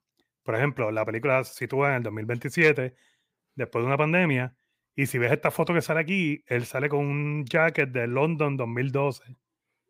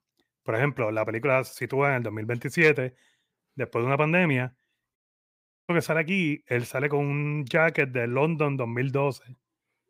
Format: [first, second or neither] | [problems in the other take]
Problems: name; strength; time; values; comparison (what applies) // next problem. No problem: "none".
first | audio cutting out; at 5 s for 0.5 s